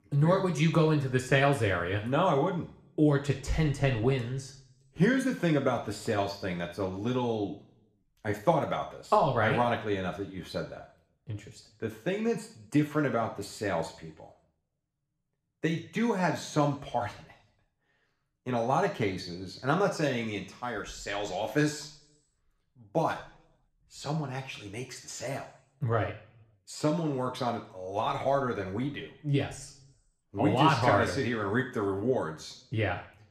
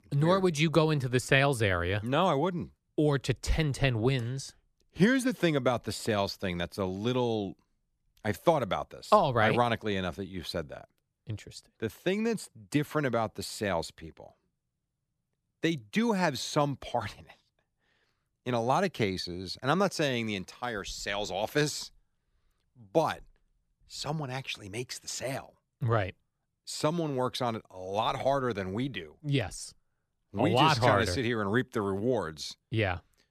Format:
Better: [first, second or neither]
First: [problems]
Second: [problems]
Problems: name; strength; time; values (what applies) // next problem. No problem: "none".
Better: second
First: room echo; slight; dies away in 0.5 s // off-mic speech; somewhat distant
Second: none